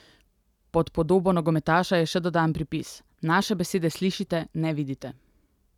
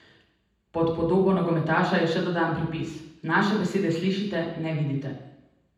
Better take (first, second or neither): first